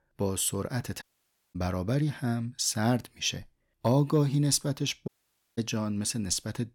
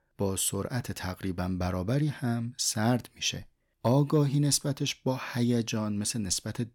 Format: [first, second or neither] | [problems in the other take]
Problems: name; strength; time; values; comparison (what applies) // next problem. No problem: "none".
second | audio cutting out; at 1 s for 0.5 s and at 5 s